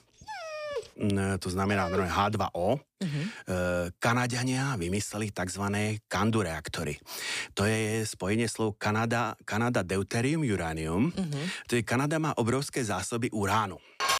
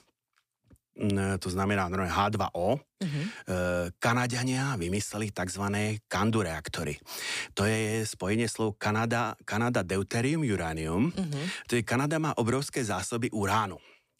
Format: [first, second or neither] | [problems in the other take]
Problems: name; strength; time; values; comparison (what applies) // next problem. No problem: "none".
second | dog barking; noticeable; until 2 s; peak 6 dB below the speech // clattering dishes; loud; at 14 s; peak 1 dB above the speech